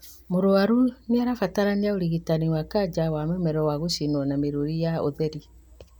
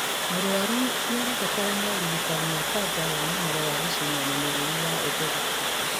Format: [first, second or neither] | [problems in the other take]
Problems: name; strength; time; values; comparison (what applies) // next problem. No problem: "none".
first | background sound (Water); 5 dB above the speech